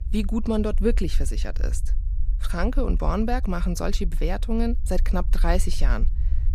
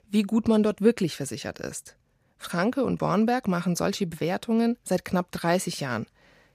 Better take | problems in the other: second | low rumble; faint; throughout; 20 dB below the speech

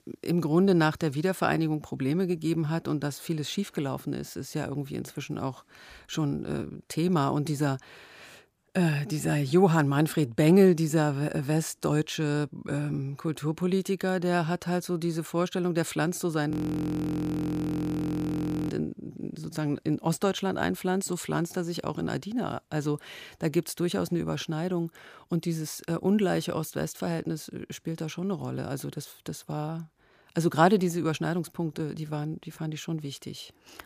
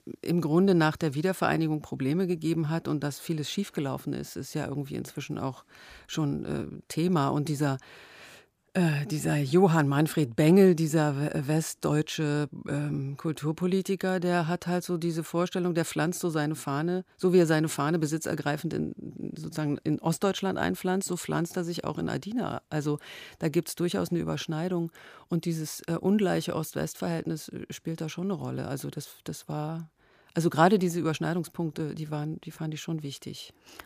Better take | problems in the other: second | audio freezing; at 17 s for 2 s

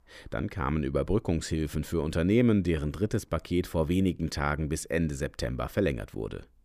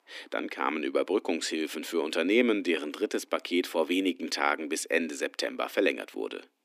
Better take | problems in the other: first | thin; somewhat; fading below 250 Hz

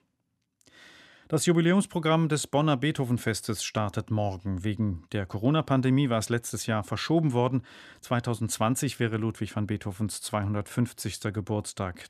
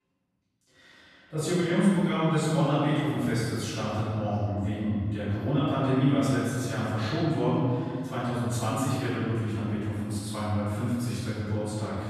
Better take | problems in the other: first | off-mic speech; far // room echo; strong; dies away in 2 s

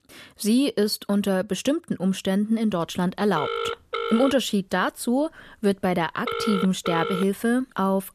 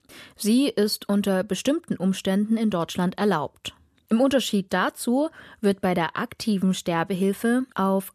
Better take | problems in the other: second | phone ringing; noticeable; from 3.5 to 7 s; peak 3 dB below the speech

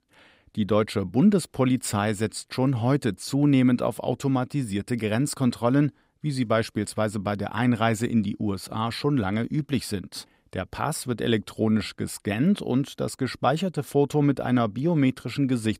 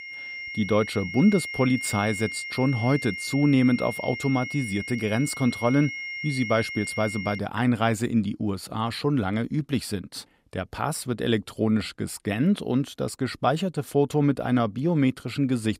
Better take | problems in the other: first | high-pitched whine; loud; until 7.5 s; 2 kHz, 7 dB below the speech

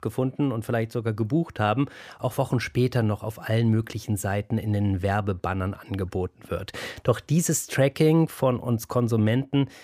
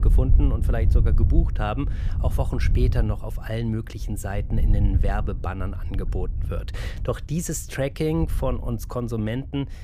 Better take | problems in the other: first | wind noise on the microphone; occasional gusts; 10 dB below the speech

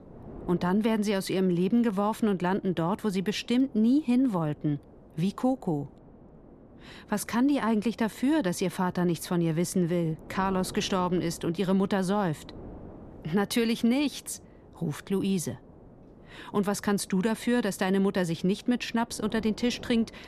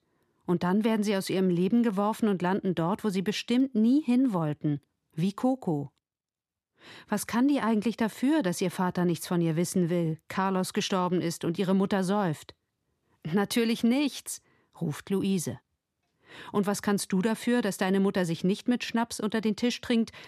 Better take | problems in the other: second | wind noise on the microphone; occasional gusts; 20 dB below the speech

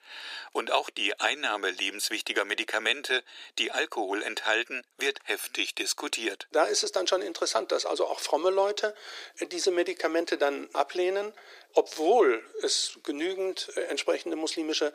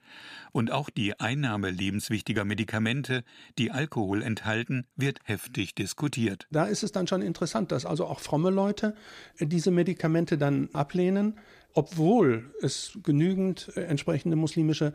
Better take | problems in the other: second | thin; very; fading below 400 Hz

